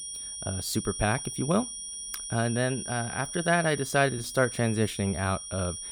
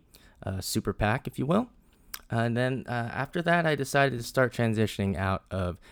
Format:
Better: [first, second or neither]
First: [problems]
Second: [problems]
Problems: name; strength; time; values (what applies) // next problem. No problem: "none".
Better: second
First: high-pitched whine; loud; throughout; 9.5 kHz, 7 dB below the speech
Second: none